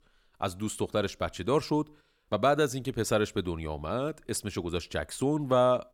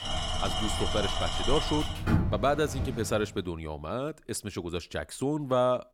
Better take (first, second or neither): first